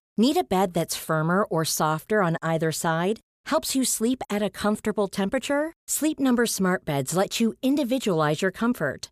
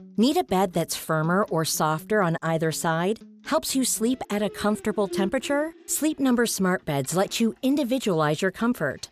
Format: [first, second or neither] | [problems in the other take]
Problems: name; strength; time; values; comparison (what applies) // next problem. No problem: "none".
first | background music; noticeable; throughout; 20 dB below the speech